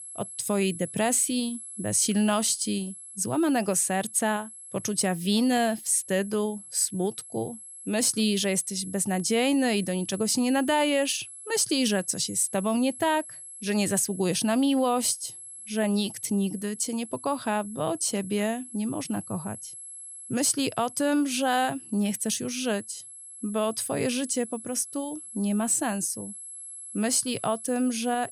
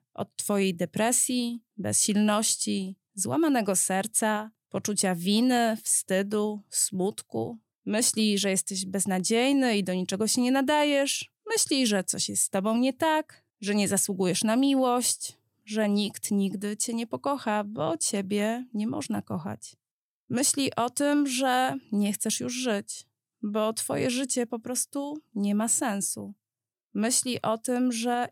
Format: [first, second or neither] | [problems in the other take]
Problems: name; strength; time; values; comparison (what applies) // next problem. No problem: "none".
second | high-pitched whine; noticeable; throughout; 11 kHz, 15 dB below the speech